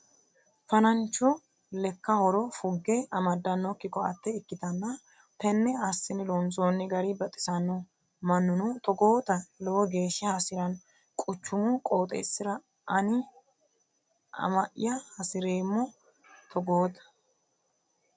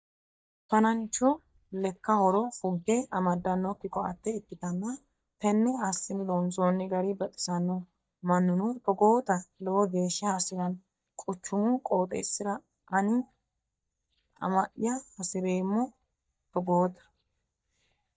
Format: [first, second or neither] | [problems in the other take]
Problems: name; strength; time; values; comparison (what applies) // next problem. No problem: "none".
first | noise reduction (neural mask model DeepFilterNet 3)